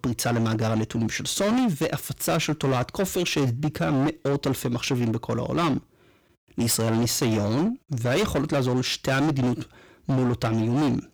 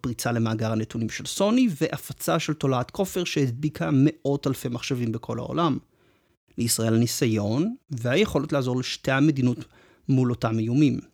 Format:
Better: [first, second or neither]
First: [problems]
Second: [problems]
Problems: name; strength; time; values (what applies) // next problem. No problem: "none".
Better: second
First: distortion; heavy; 23% of the sound clipped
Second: none